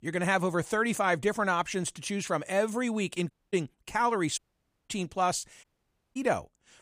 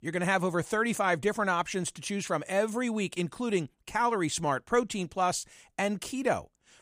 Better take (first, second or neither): second